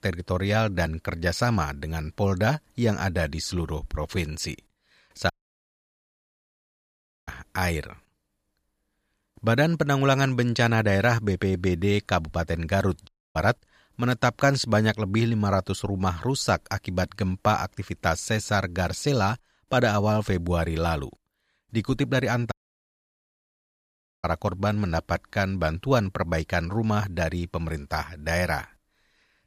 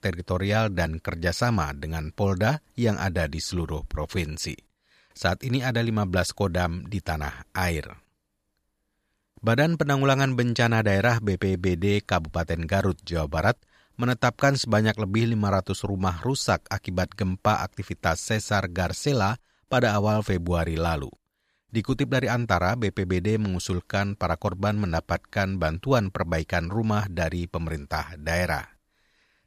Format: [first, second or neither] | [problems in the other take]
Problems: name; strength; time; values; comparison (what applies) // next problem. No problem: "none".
second | audio cutting out; at 5.5 s for 2 s, at 13 s and at 23 s for 1.5 s